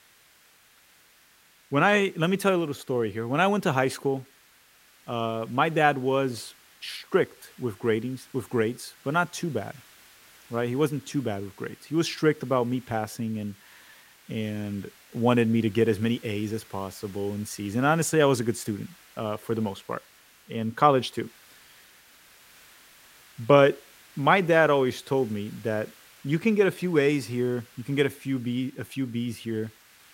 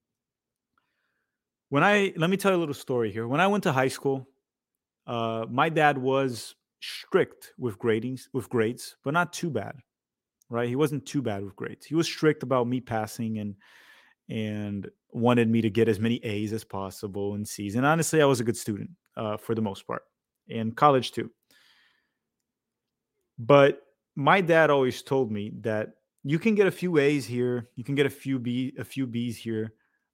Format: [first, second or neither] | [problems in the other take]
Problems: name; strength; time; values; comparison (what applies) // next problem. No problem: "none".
second | hiss; faint; throughout; 25 dB below the speech